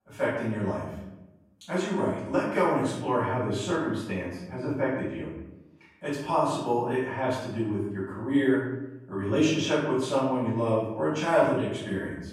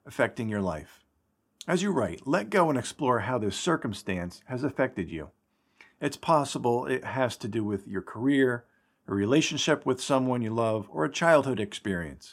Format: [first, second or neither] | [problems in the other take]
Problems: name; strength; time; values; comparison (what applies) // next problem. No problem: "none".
second | room echo; noticeable; dies away in 0.8 s // off-mic speech; far